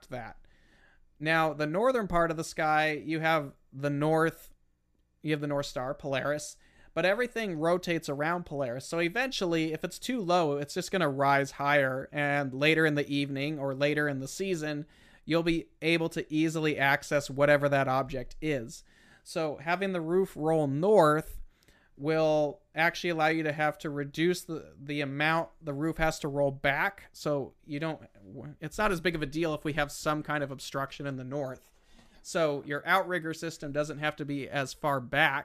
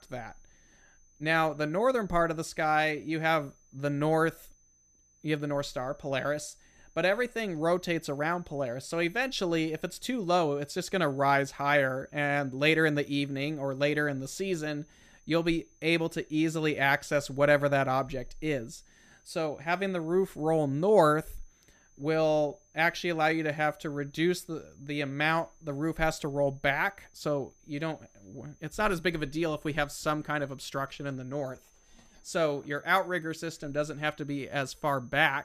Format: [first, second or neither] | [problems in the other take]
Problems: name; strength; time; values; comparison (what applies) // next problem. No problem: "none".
first | high-pitched whine; faint; throughout; 6 kHz, 35 dB below the speech